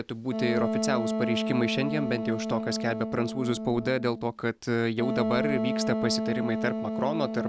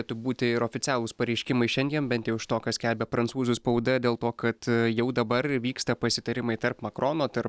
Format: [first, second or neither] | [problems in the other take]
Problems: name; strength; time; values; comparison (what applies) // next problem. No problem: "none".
second | background sound (Wind instrument, woodwind instrument); 1 dB below the speech